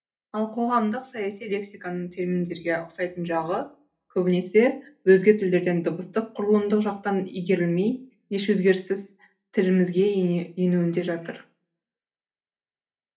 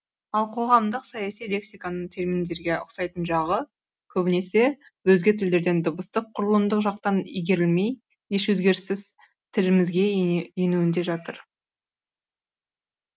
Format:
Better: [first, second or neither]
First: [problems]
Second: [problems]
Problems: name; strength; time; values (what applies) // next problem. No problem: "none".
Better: second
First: room echo; dies away in 0.3 s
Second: none